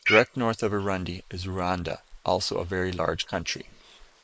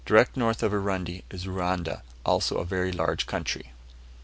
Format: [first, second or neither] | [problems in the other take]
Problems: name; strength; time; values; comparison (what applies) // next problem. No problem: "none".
second | noise reduction (neural mask model Resemble Enhance denoiser)